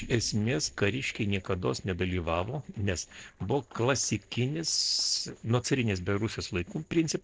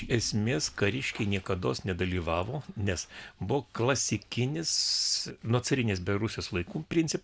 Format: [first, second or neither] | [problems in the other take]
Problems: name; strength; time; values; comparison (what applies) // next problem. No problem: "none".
second | noise reduction (neural separator model SepFormer DNS4)